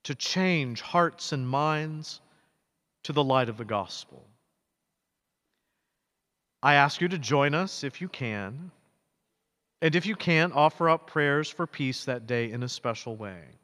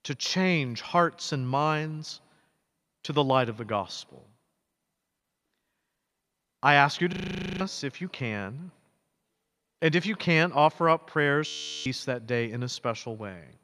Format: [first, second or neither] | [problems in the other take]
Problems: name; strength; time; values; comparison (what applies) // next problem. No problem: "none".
first | audio freezing; at 7 s and at 11 s